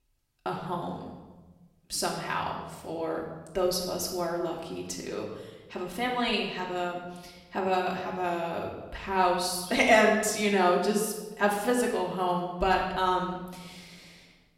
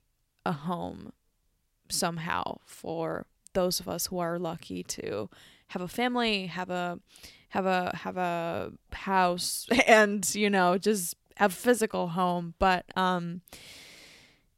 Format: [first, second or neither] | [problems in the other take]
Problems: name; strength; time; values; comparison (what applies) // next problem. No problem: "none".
second | room echo; noticeable; dies away in 0.9 s // off-mic speech; far